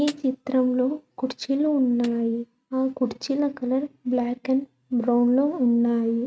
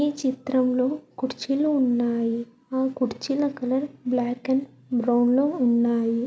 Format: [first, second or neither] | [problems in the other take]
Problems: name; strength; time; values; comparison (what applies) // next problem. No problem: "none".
second | noise reduction (neural mask model RNNoise)